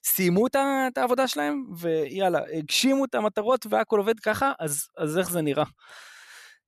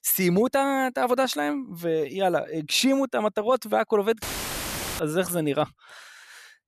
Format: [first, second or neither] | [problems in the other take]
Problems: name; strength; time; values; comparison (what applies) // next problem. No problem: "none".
first | audio cutting out; filled with static; at 4 s for 1 s